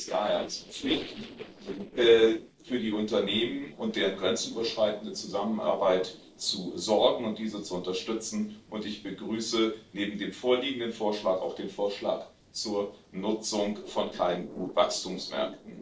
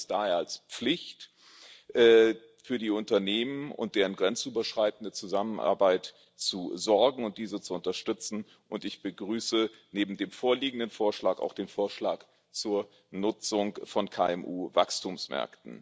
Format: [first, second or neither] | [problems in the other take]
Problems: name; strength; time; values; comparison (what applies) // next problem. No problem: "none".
second | noise reduction (neural separator model SepFormer DNS4)